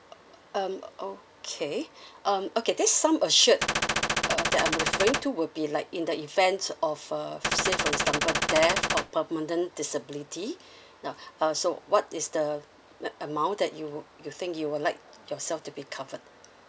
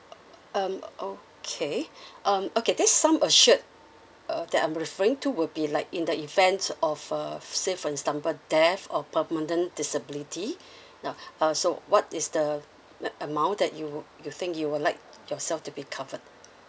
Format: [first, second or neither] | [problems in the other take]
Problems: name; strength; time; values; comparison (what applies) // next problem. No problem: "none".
second | background sound (Gunshot, gunfire); 2 dB above the speech